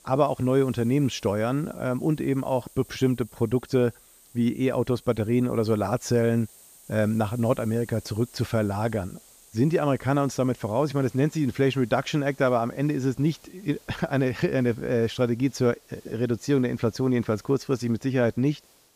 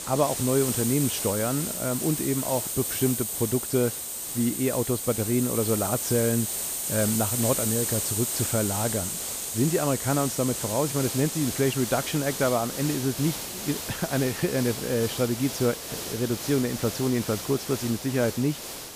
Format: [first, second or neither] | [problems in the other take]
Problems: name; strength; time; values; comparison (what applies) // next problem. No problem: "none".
first | hiss; loud; throughout; 2 dB below the speech; faint in the first